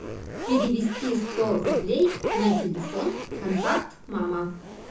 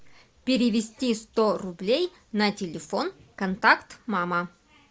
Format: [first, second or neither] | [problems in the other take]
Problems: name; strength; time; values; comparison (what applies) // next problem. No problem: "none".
second | background sound (Zipper (clothing)); 5 dB below the speech // room echo; dies away in 0.5 s